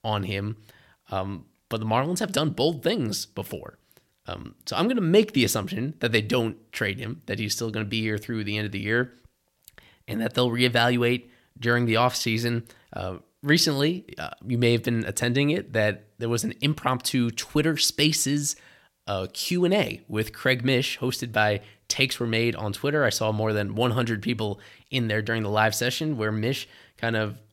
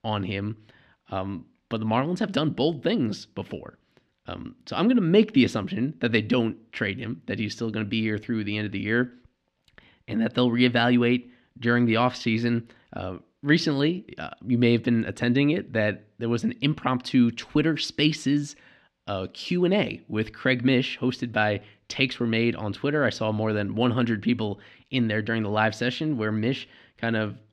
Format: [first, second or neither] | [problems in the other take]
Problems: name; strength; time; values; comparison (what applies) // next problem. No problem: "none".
first | muffled; very slightly; fading above 3 kHz